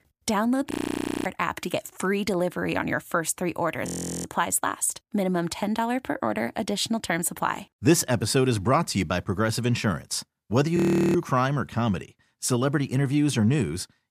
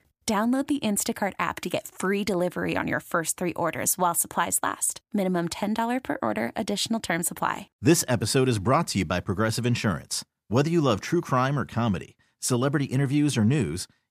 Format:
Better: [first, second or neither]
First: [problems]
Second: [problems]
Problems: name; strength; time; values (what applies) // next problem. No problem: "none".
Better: second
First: audio freezing; at 0.5 s for 0.5 s, at 4 s and at 11 s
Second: none